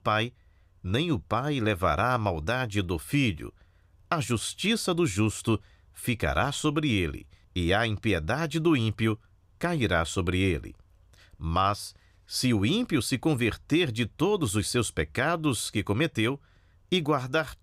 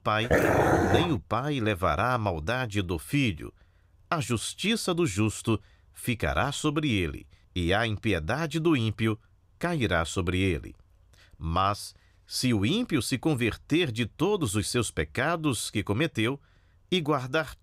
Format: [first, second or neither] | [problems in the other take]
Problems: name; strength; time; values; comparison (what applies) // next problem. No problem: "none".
first | dog barking; loud; at the start; peak 5 dB above the speech